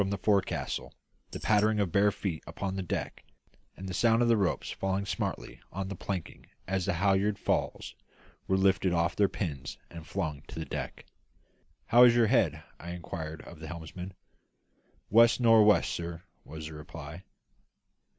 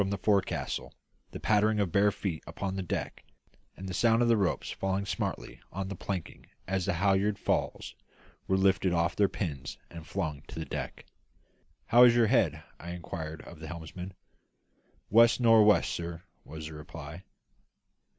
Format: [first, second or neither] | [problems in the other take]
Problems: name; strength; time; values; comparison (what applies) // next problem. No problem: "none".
second | background sound (Tambourine); 14 dB below the speech